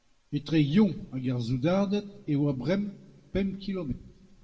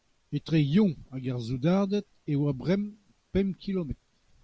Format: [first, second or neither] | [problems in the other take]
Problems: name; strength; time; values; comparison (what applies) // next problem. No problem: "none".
second | room echo; dies away in 0.6 s